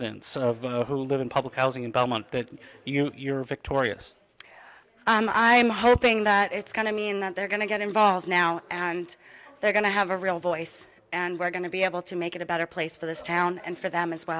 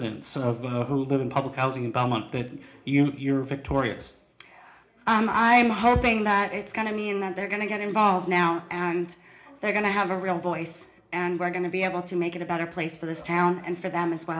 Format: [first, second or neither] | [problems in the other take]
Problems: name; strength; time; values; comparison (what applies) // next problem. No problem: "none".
first | room echo; dies away in 0.4 s